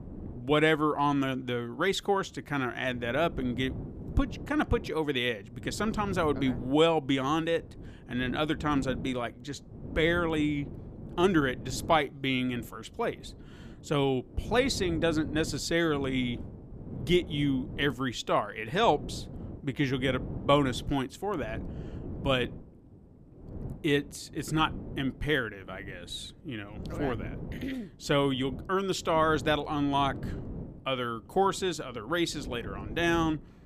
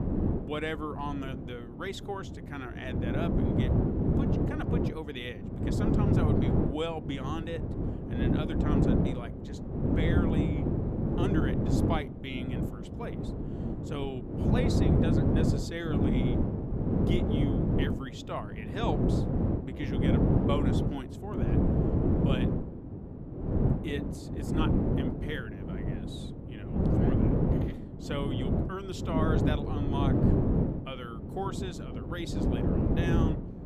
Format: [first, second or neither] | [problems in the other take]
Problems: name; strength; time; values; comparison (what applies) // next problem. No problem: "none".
first | wind noise on the microphone; heavy; 3 dB above the speech; occasional gusts in the first